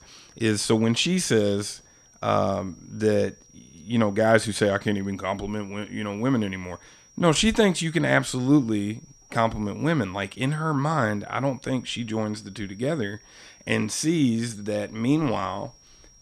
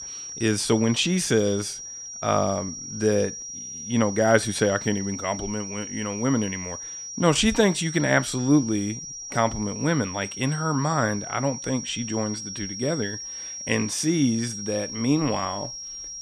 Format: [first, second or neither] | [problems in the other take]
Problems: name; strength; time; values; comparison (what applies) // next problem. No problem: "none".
first | high-pitched whine; loud; throughout; 5.5 kHz, 9 dB below the speech; faint in the first